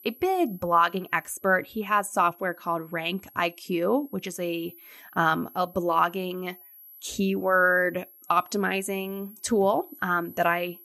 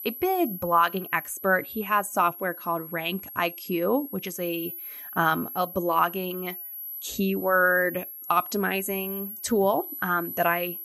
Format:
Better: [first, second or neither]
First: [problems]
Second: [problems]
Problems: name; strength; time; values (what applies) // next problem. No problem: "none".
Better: first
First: high-pitched whine; faint; throughout; 11.5 kHz, 20 dB below the speech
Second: high-pitched whine; loud; throughout; 11.5 kHz, 10 dB below the speech